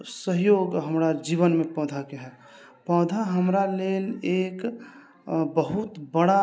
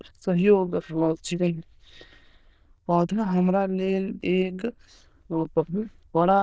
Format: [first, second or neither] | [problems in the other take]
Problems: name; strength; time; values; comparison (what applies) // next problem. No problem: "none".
first | noise reduction (neural diffusion model UNIVERSE++)